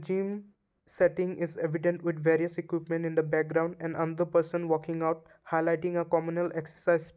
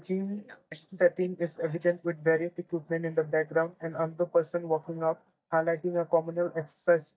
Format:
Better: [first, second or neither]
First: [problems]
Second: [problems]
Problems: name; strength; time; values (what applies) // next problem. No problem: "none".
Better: first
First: none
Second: noise reduction (neural mask model DeepFilterNet 3)